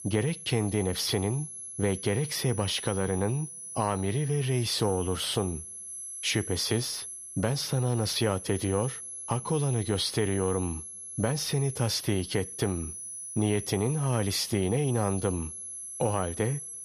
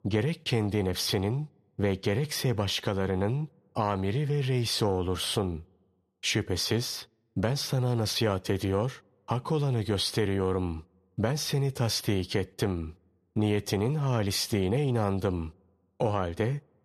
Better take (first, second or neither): second